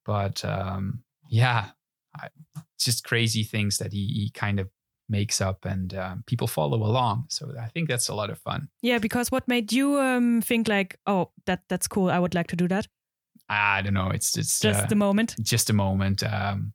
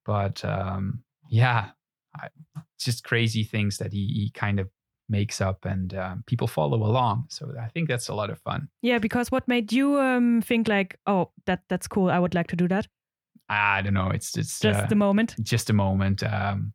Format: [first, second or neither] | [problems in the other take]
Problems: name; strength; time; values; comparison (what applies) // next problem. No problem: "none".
first | muffled; slightly; fading above 4 kHz